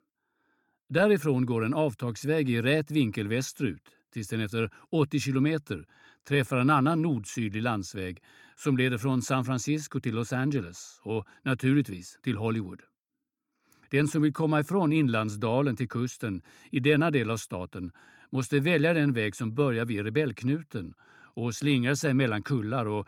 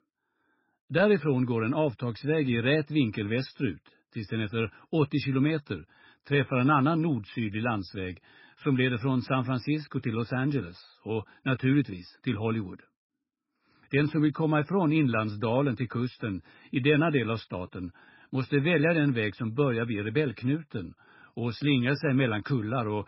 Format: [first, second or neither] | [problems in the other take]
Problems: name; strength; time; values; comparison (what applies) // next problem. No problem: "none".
first | garbled, watery; badly; nothing above 5.5 kHz